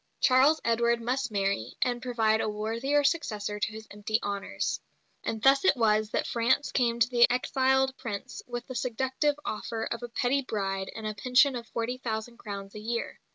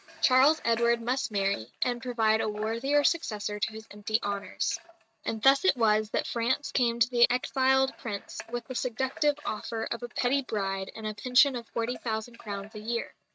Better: first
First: none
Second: noise reduction (neural mask model RNNoise)

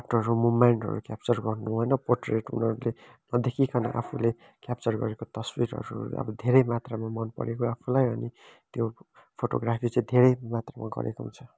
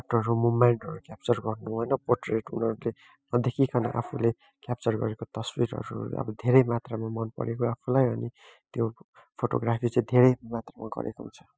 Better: first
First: none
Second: noise reduction (classical method spectral subtraction)

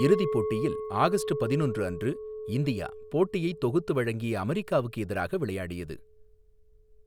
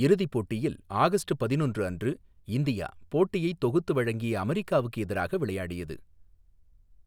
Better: second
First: background sound (Chink, clink); 8 dB below the speech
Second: none

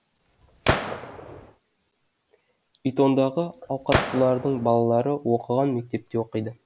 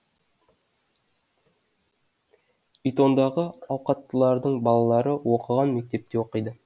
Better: second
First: background sound (Gunshot, gunfire); 4 dB below the speech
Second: none

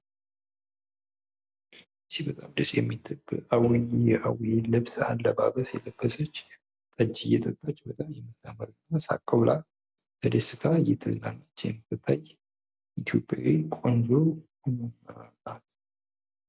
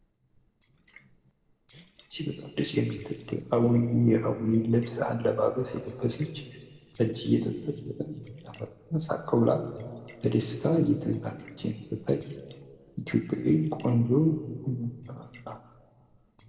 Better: first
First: none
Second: noise reduction (neural separator model SepFormer DNS4)

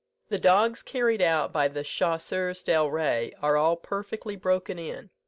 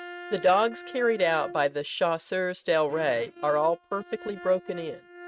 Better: first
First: none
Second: noise reduction (neural mask model RNNoise)

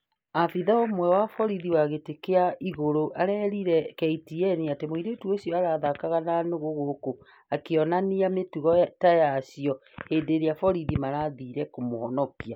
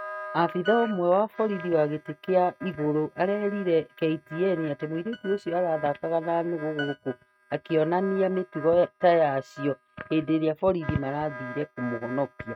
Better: first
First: none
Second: noise reduction (neural mask model RNNoise)

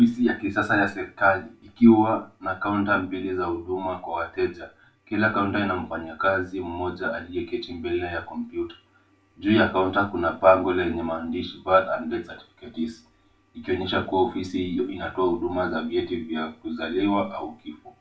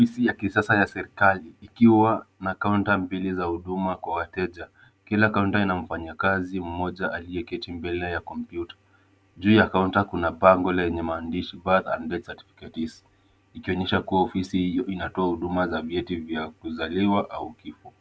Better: second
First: room echo; dies away in 0.3 s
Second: none

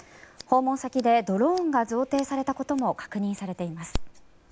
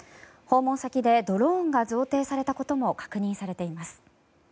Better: second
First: background sound (Scissors); 14 dB below the speech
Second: none

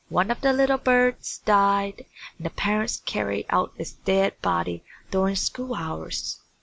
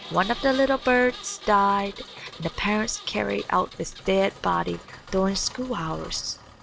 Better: first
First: none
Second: background sound (Engine); 17 dB below the speech

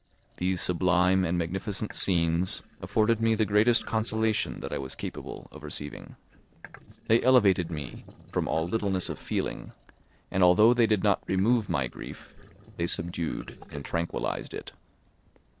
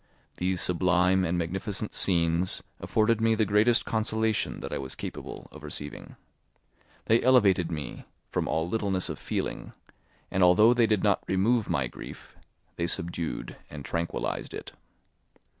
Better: second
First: noise reduction (neural separator model SepFormer DNS4)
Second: none

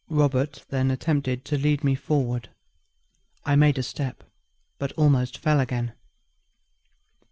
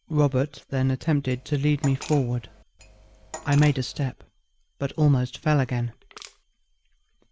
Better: first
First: none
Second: background sound (Crushing + Cutlery, silverware); 17 dB below the speech

